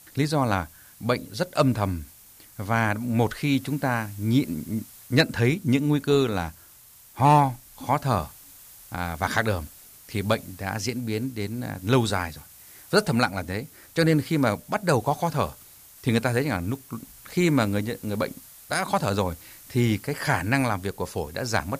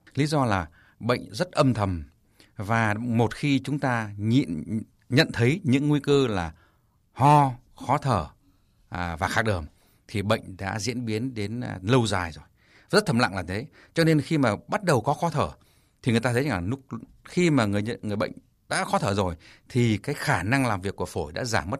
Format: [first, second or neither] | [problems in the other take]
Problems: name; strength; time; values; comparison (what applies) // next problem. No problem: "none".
second | hiss; faint; throughout; 20 dB below the speech